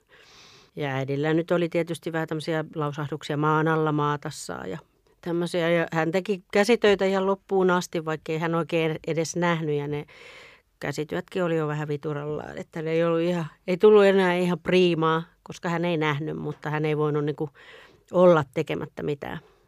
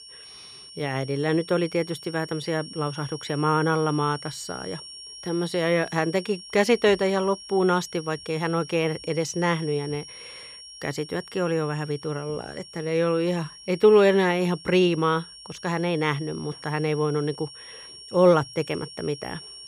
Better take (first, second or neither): first